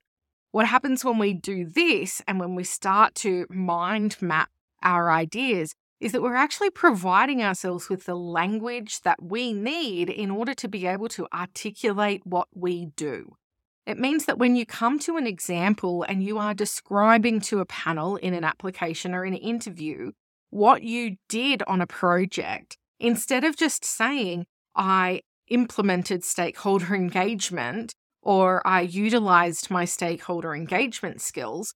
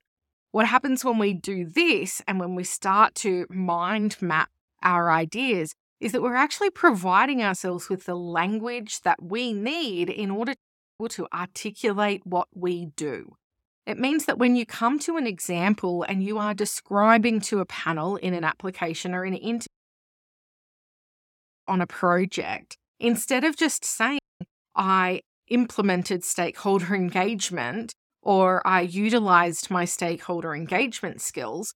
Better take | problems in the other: first | audio cutting out; at 11 s, at 20 s for 2 s and at 24 s

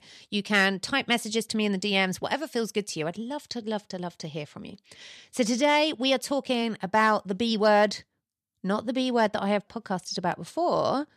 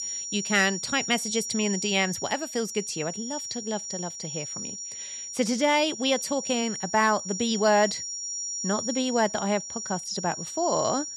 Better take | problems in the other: first | high-pitched whine; loud; throughout; 5.5 kHz, 6 dB below the speech

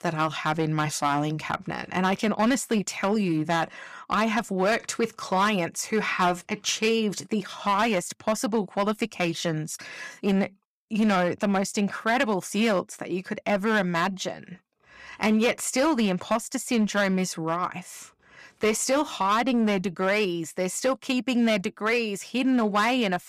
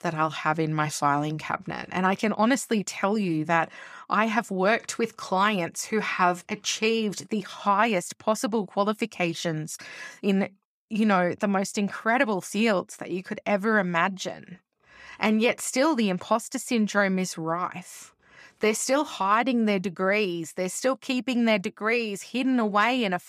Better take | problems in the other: second | distortion; slight; 5% of the sound clipped

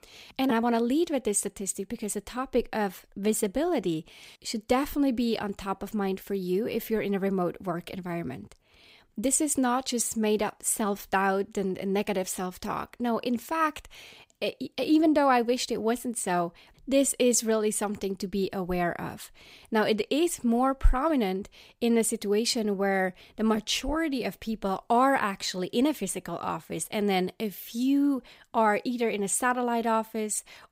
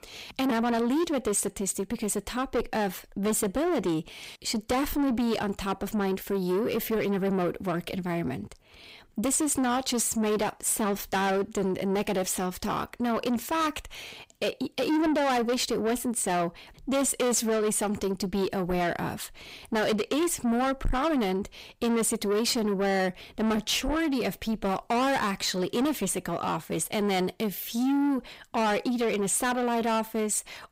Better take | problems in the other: first | distortion; heavy; 8 dB below the speech

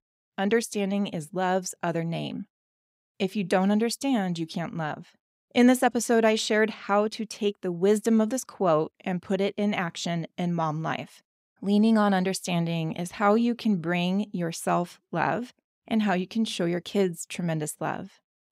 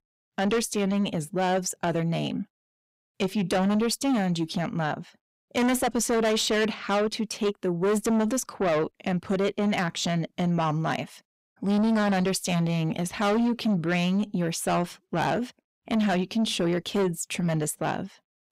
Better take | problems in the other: first | distortion; heavy; 7 dB below the speech

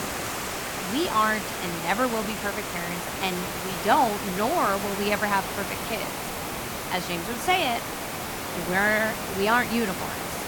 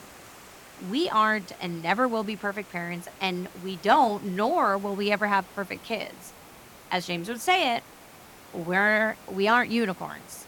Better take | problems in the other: second | hiss; loud; throughout; 4 dB below the speech; faint in the second

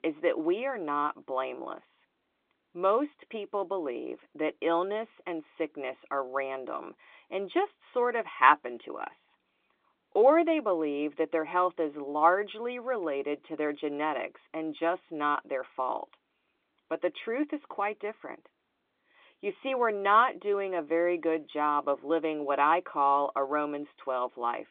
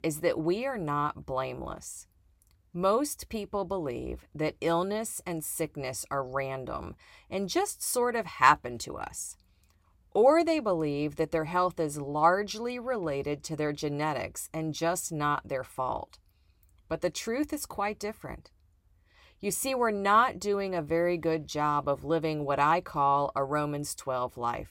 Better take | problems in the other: second | phone-call audio

